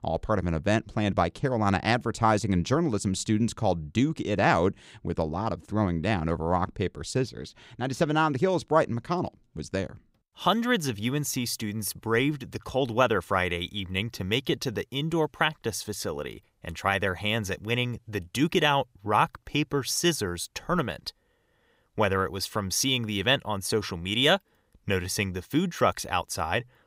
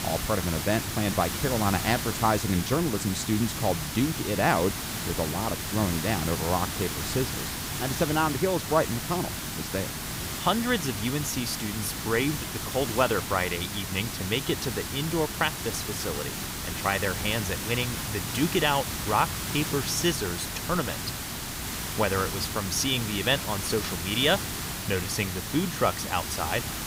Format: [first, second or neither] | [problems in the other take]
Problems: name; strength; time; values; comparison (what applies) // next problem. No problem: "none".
first | hiss; loud; throughout; 3 dB below the speech